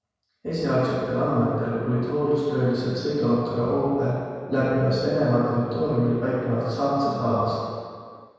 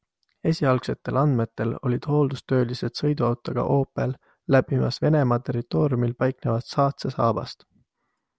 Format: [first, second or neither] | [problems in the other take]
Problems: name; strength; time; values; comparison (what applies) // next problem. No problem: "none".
second | room echo; dies away in 1.9 s